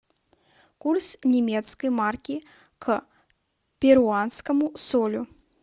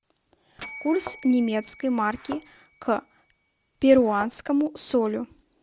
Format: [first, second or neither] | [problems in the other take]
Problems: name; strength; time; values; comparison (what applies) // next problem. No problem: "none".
first | background sound (Bell + Thump, thud); 19 dB below the speech